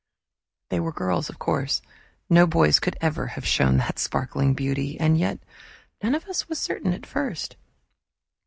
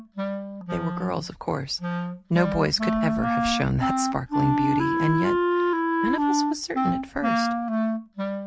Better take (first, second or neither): first